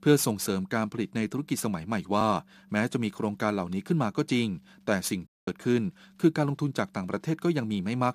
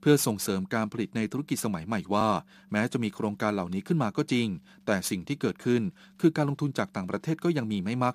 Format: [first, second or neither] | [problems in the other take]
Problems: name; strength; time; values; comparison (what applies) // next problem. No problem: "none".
second | audio cutting out; at 5.5 s